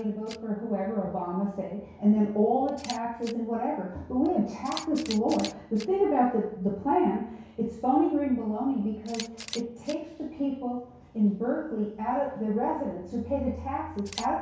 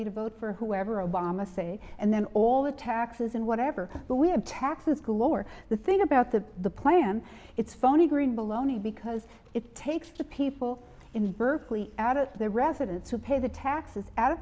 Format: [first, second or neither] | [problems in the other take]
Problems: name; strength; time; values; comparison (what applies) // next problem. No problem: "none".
second | background sound (Camera); 20 dB below the speech // room echo; dies away in 0.6 s